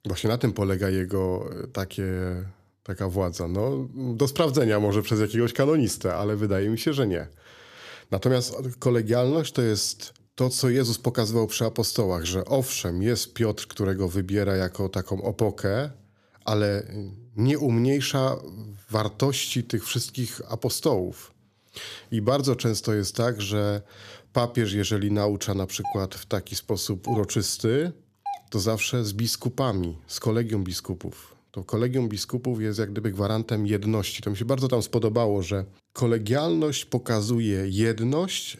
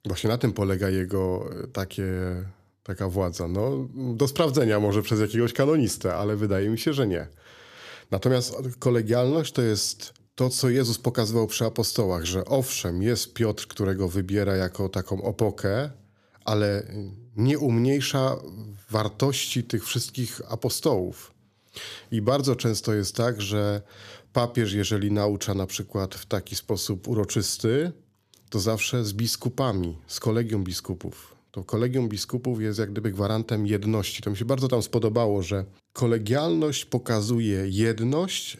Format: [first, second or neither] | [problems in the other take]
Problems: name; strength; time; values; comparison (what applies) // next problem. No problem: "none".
second | doorbell; noticeable; from 26 to 28 s; peak 9 dB below the speech